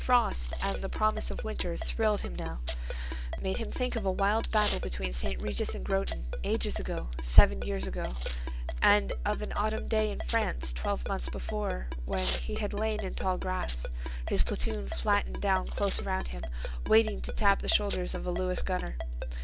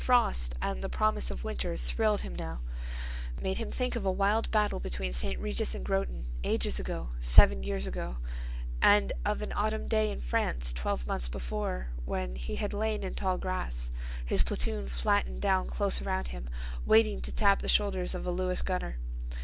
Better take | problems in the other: second | background sound (Ringtone + Packing tape, duct tape / Tearing); 15 dB below the speech

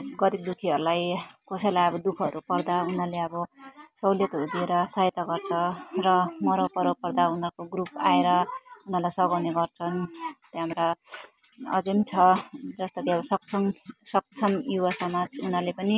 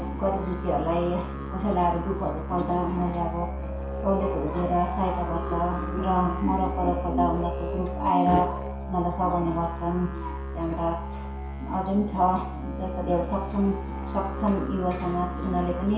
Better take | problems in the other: first | background sound (Musical instrument); 5 dB below the speech // room echo; dies away in 0.6 s

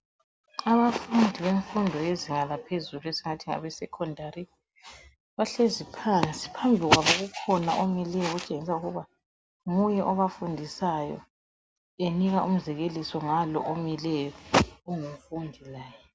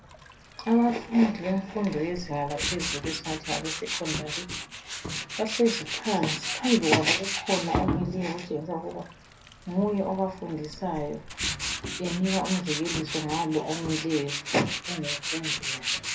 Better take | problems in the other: first | background sound (Tools); 5 dB below the speech // room echo; dies away in 0.3 s

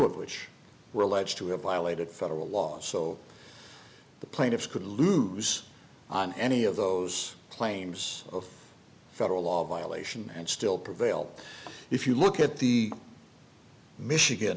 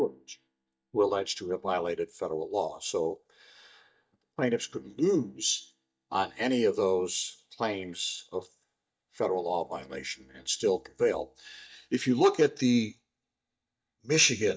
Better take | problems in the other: first | noise reduction (neural mask model DeepFilterNet 3)

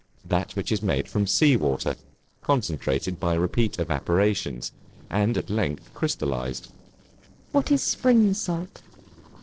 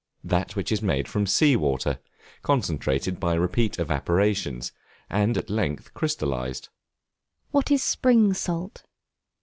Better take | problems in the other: second | noise reduction (neural separator model SepFormer DNS4)

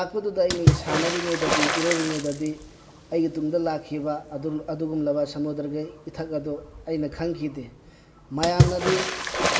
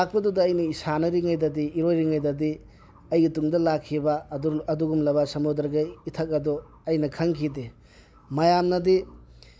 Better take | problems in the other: second | background sound (Water / Splash, splatter); as loud as the speech // room echo; dies away in 2.8 s

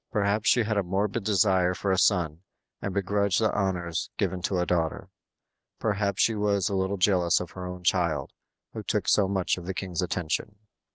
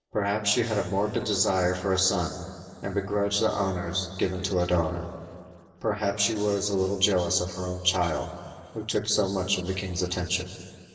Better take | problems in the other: first | room echo; dies away in 2.8 s

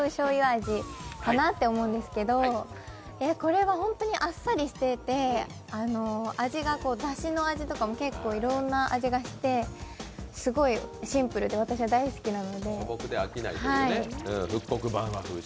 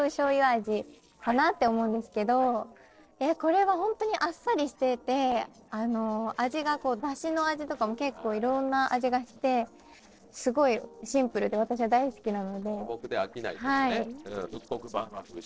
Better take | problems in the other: first | noise reduction (neural separator model SepFormer DNS4)

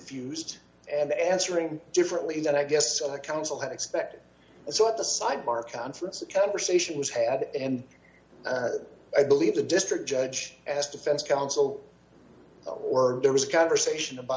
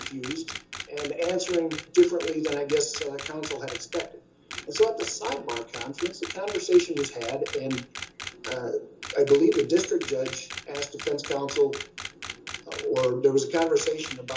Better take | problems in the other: first | background sound (Camera); 12 dB below the speech // room echo; dies away in 0.2 s

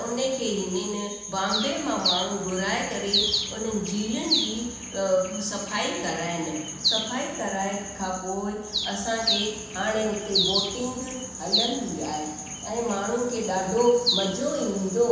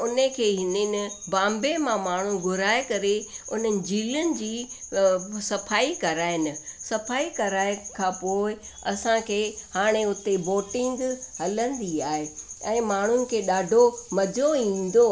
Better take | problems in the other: second | background sound (Bird); 4 dB below the speech // room echo; dies away in 1.1 s

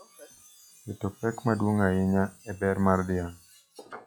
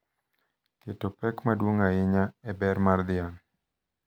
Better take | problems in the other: second | noise reduction (classical method log-MMSE)

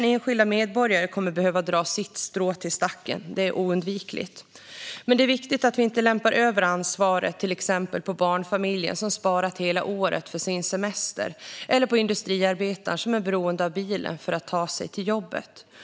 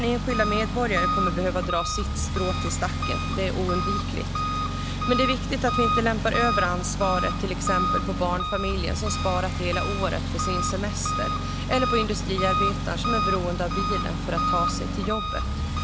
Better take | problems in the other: first | background sound (Engine); 2 dB above the speech

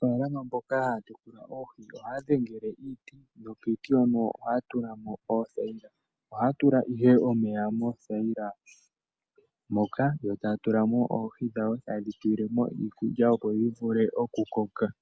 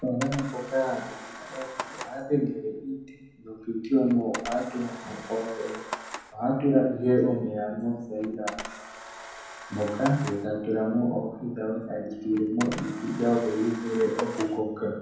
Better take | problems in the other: first | background sound (Camera); 14 dB below the speech // room echo; dies away in 0.9 s

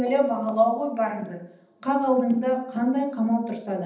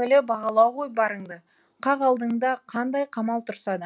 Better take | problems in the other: second | room echo; dies away in 0.8 s

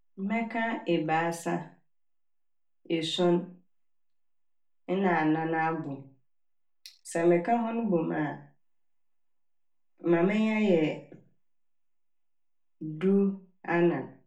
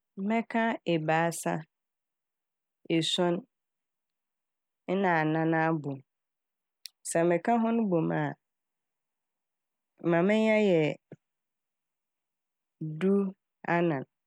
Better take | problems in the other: second | room echo; dies away in 0.3 s

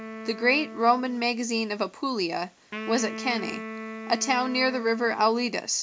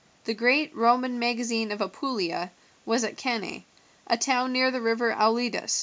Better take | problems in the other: second | background sound (Wind instrument, woodwind instrument); 12 dB below the speech

